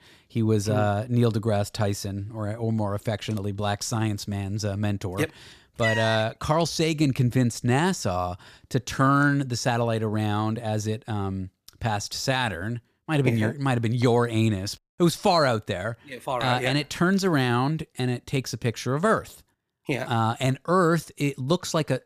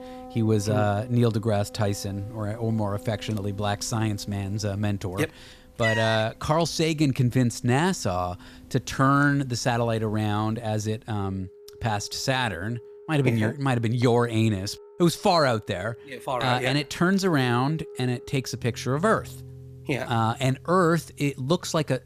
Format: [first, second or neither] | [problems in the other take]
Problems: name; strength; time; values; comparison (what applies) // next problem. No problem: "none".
first | background music; faint; throughout; 20 dB below the speech